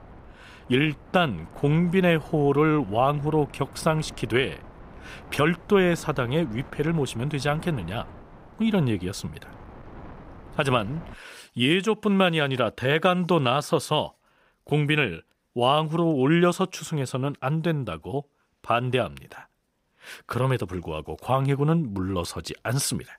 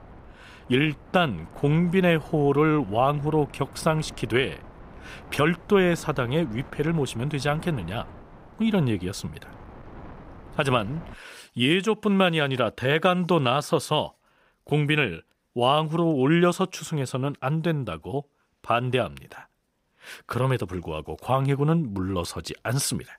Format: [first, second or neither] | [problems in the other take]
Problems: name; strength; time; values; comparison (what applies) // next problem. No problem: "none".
neither | wind noise on the microphone; occasional gusts; until 11 s; 20 dB below the speech; the same in both